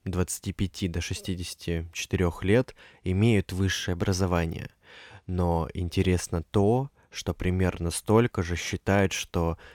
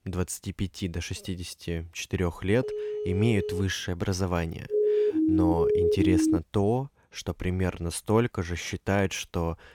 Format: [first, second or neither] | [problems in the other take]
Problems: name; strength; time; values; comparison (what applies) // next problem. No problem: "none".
first | phone ringing; noticeable; from 2.5 to 3.5 s; peak 3 dB below the speech // siren; loud; from 4.5 to 6.5 s; peak 6 dB above the speech